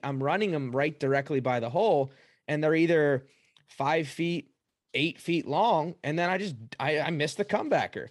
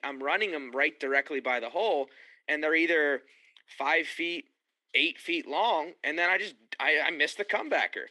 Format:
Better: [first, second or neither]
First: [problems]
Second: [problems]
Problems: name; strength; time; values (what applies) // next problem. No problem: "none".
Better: first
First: none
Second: thin; somewhat; fading below 250 Hz